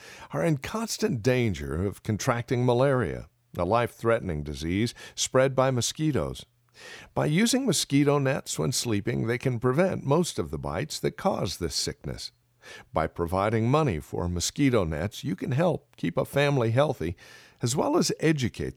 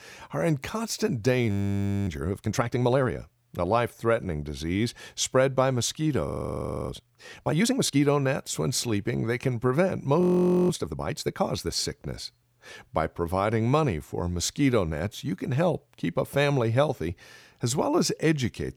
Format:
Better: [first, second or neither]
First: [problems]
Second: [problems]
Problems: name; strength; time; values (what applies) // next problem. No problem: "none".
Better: first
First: none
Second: audio freezing; at 1.5 s for 0.5 s, at 6.5 s for 0.5 s and at 10 s